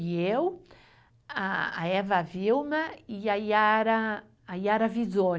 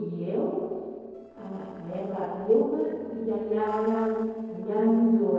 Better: first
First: none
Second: noise reduction (neural separator model SepFormer DNS4)

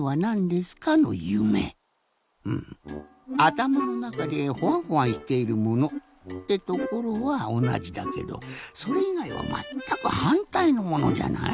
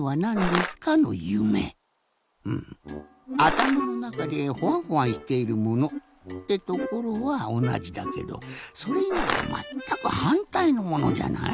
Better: first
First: none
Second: background sound (Crushing); 1 dB below the speech

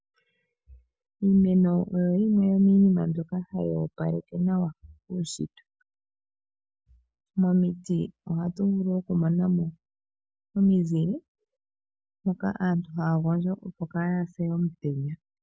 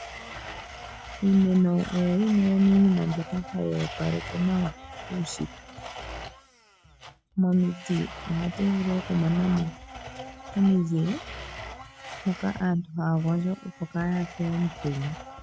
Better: first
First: none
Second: background sound (Domestic sounds, home sounds); 14 dB below the speech

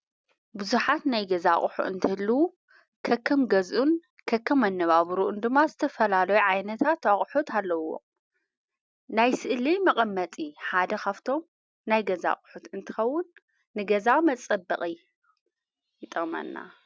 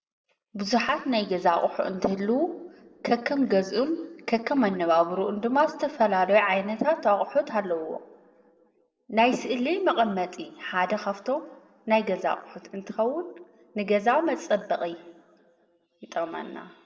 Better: first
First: none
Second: room echo; dies away in 1 s

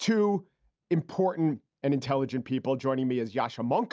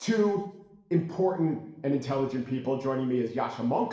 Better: first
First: none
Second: room echo; dies away in 0.8 s

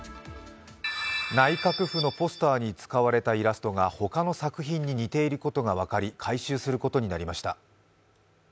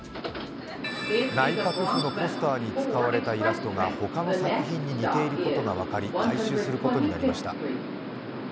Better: first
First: none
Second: background sound (Subway, metro, underground); 1 dB above the speech

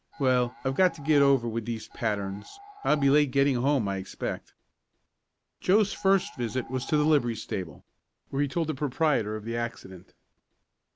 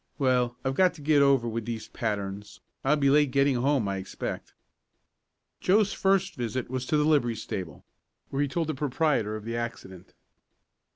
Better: second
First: background sound (Animal); 19 dB below the speech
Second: none

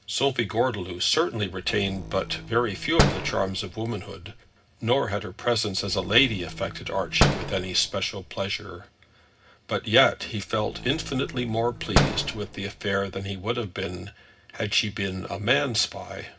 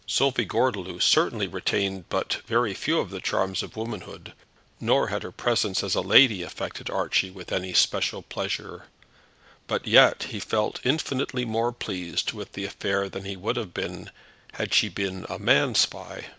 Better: second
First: background sound (Slam); 3 dB below the speech // room echo; dies away in 0.4 s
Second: none

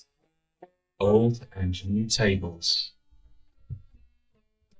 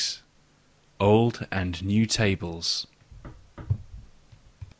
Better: second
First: noise reduction (neural mask model DeepFilterNet 3)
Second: none

